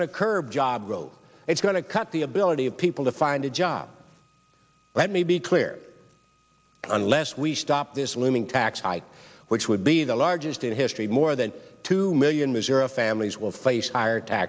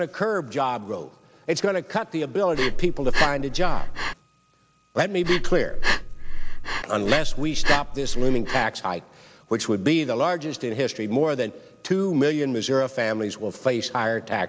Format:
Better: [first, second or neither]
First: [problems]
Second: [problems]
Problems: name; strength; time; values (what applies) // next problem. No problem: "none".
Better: first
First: none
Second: background sound (Breathing); 4 dB above the speech